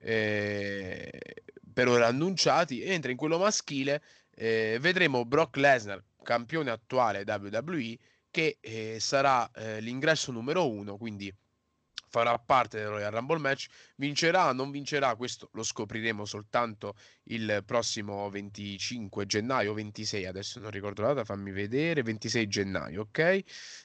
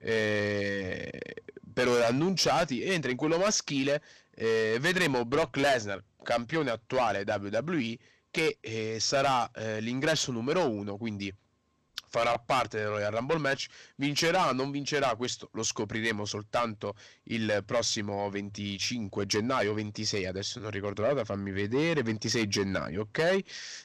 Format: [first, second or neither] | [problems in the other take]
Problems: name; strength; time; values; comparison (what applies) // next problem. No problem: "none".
first | distortion; heavy; 8 dB below the speech